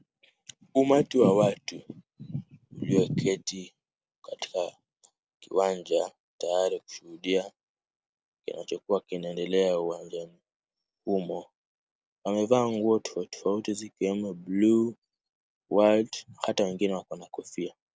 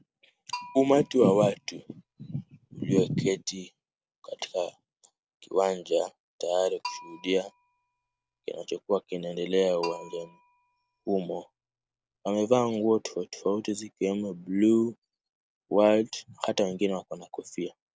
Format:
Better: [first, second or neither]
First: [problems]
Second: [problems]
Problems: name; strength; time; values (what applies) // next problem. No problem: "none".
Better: first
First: none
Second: background sound (Bell); 18 dB below the speech